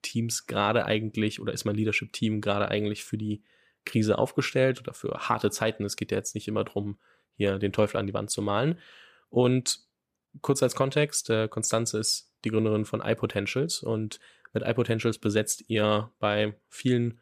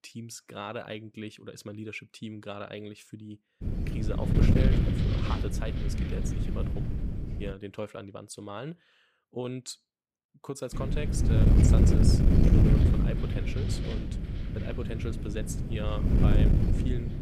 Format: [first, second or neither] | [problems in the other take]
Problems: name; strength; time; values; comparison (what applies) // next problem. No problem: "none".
first | wind noise on the microphone; heavy; from 3.5 to 7.5 s and from 11 s on; 3 dB above the speech